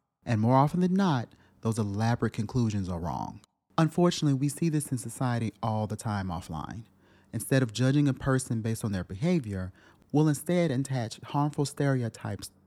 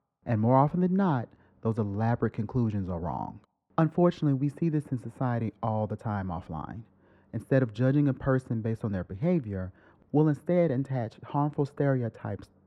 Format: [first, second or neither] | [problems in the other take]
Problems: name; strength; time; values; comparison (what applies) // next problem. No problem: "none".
first | muffled; very; fading above 3.5 kHz